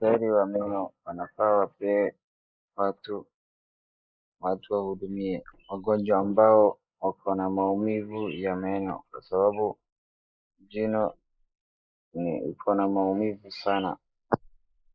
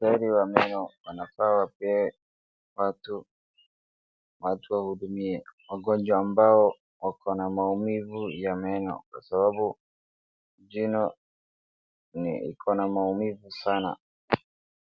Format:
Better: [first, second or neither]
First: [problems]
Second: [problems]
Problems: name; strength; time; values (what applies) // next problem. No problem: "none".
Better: second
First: noise reduction (neural mask model Resemble Enhance denoiser)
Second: none